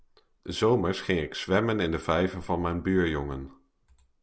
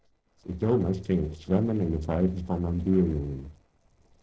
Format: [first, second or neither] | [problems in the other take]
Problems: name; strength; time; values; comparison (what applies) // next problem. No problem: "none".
first | noise reduction (neural separator model SepFormer DNS4)